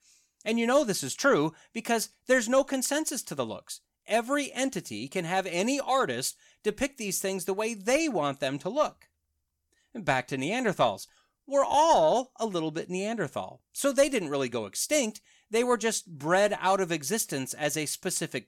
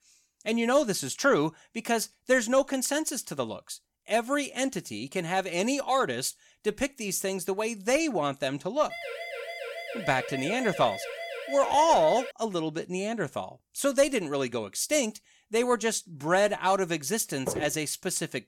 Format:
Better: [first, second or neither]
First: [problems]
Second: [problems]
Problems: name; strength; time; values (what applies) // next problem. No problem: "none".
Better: first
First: none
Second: siren; noticeable; from 9 to 12 s; peak 8 dB below the speech // footsteps; noticeable; at 17 s; peak 7 dB below the speech